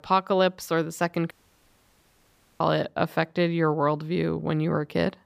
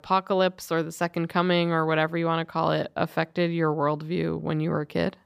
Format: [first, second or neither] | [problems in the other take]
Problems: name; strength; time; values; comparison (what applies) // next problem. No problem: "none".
second | audio cutting out; at 1.5 s for 1.5 s